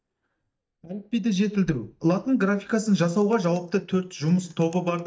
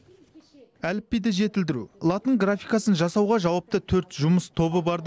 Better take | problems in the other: second | noise reduction (neural mask model DeepFilterNet 3)

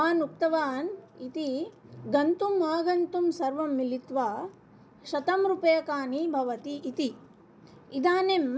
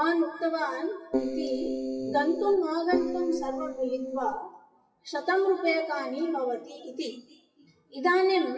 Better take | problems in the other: first | noise reduction (classical method WPE with log-MMSE)

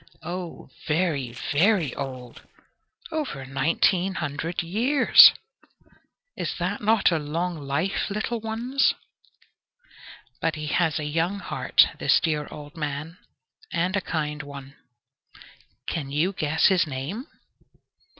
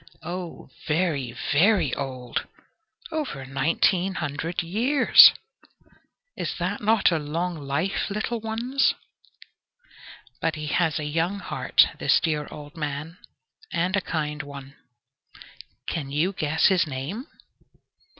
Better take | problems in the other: second | noise reduction (neural separator model SepFormer DNS4)

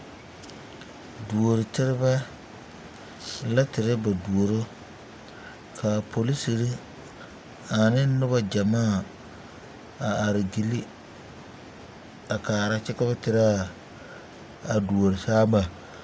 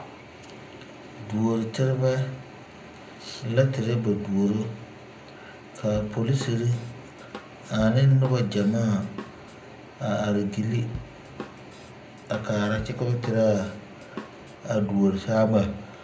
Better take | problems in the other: first | background sound (Drum / Drum kit); 16 dB below the speech // room echo; dies away in 0.5 s

